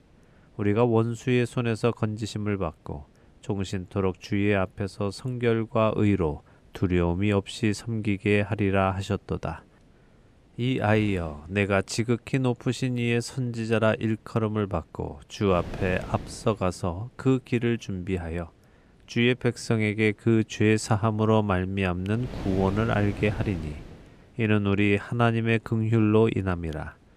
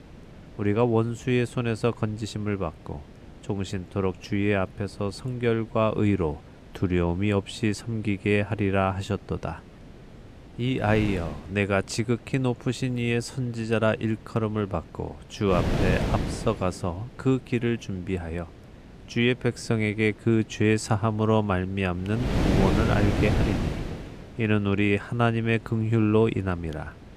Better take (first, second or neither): first